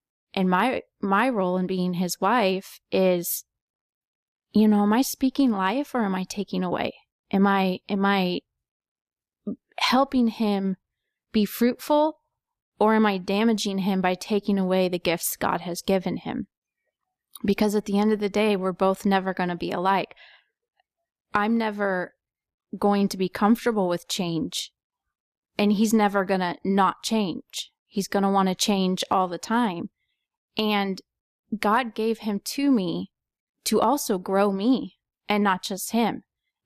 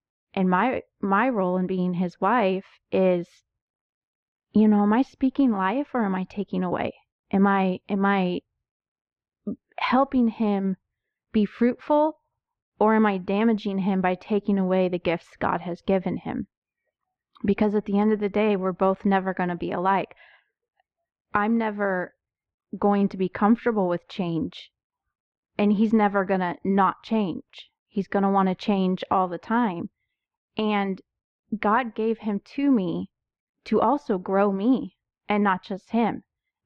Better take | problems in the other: first | muffled; very; fading above 2.5 kHz

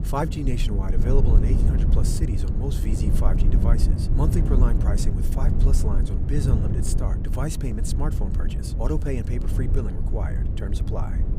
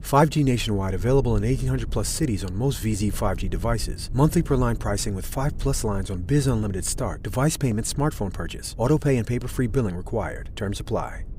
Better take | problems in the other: second | low rumble; loud; throughout; 3 dB below the speech; faint in the second

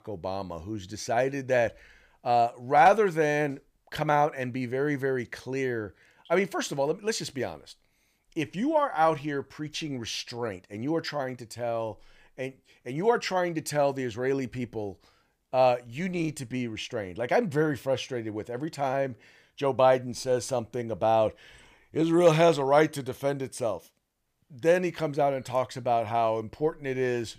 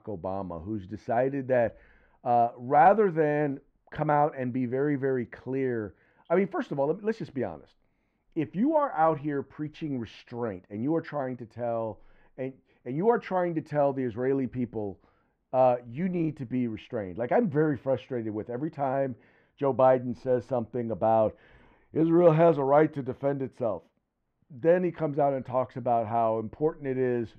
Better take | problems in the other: first | muffled; very; fading above 4 kHz

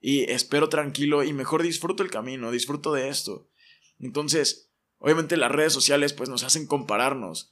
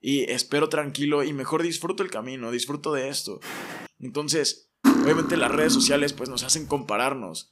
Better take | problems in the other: first | footsteps; noticeable; at 3.5 s; peak 10 dB below the speech // clattering dishes; loud; from 5 to 6 s; peak 5 dB above the speech

